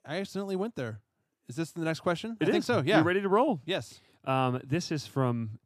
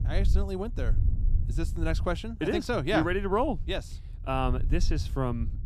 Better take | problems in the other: first | wind noise on the microphone; occasional gusts; 20 dB below the speech

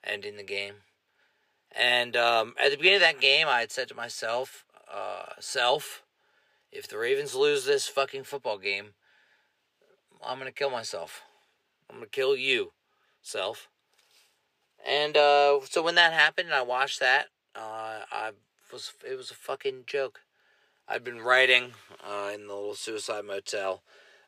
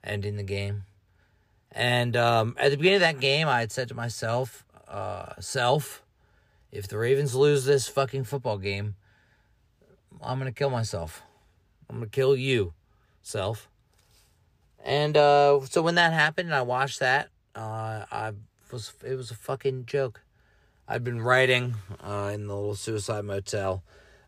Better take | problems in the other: second | thin; very; fading below 450 Hz

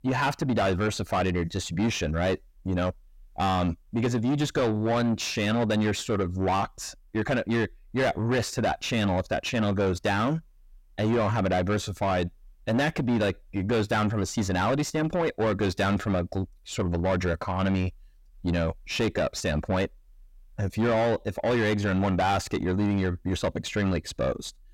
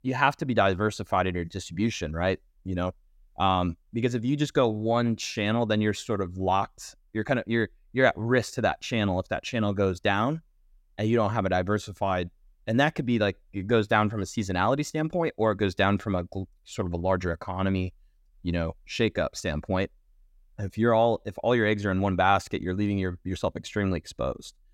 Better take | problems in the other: second | distortion; heavy; 6 dB below the speech

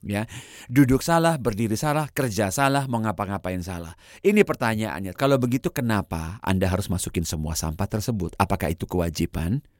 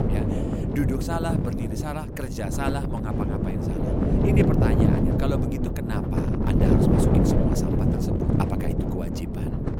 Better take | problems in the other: first | wind noise on the microphone; heavy; 4 dB above the speech

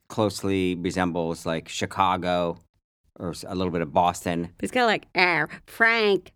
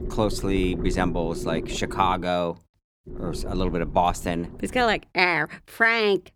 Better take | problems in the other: first | low rumble; noticeable; until 2.5 s and from 3 to 5 s; 15 dB below the speech

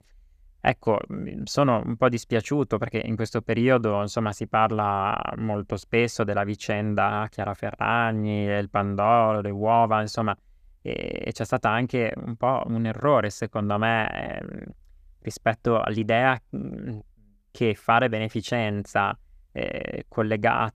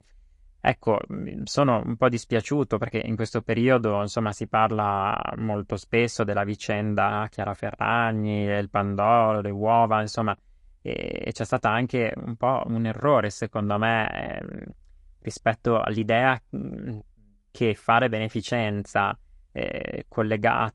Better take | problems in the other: first | garbled, watery; slightly; nothing above 11 kHz

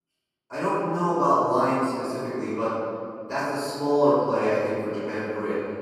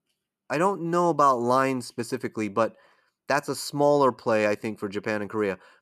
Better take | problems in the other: second | room echo; strong; dies away in 2.1 s // off-mic speech; far

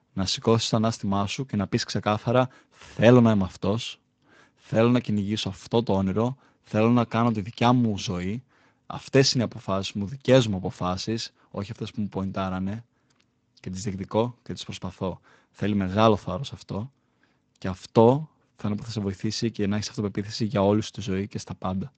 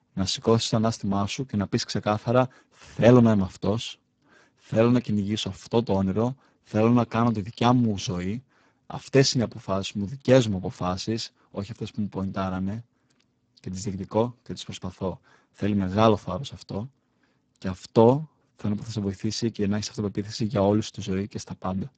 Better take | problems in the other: first | garbled, watery; badly; nothing above 7.5 kHz; slightly in the first

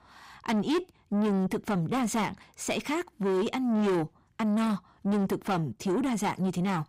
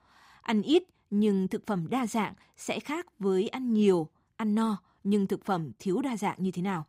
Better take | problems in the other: second | distortion; heavy; 8 dB below the speech

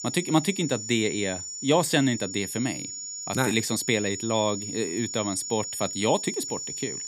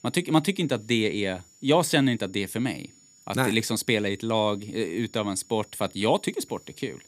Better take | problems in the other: second | high-pitched whine; loud; throughout; 7 kHz, 6 dB below the speech; faint in the second

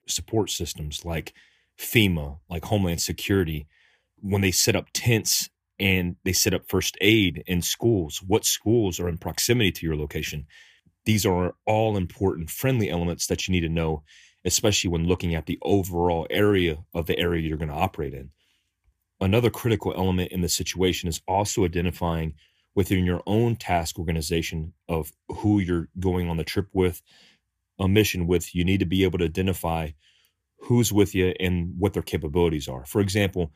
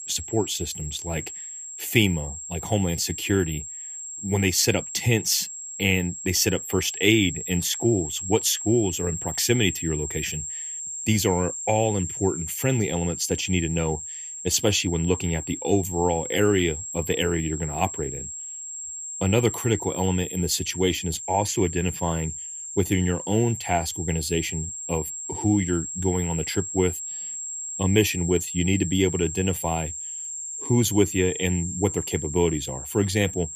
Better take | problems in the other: first | high-pitched whine; loud; throughout; 7.5 kHz, 7 dB below the speech

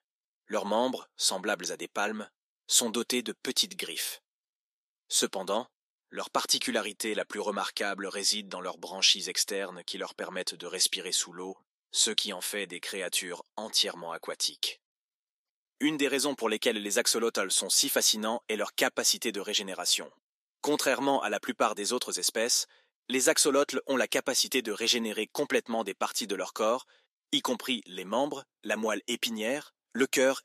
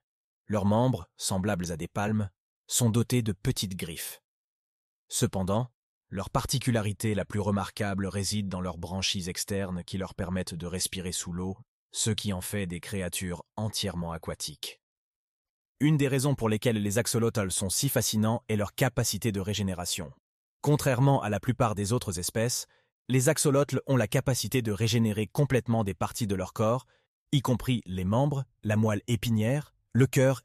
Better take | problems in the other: second | thin; somewhat; fading below 250 Hz

